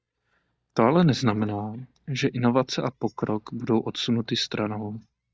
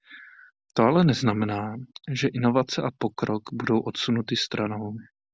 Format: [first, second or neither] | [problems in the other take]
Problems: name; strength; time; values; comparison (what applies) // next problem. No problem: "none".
second | noise reduction (neural mask model DeepFilterNet 3)